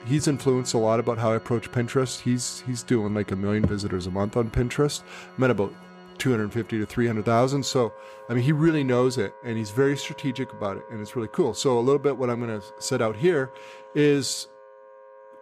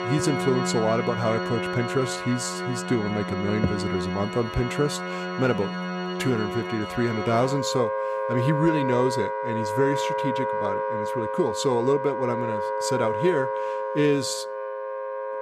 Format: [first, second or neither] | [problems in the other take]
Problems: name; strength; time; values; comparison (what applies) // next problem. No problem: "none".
first | background music; loud; throughout; 2 dB below the speech; faint in the first